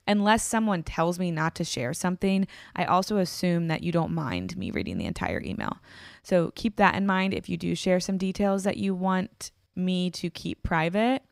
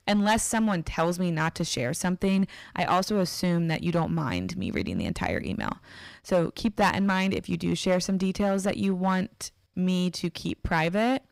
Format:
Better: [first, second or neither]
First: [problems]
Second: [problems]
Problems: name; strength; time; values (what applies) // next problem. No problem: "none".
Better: first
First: none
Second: distortion; slight; 5% of the sound clipped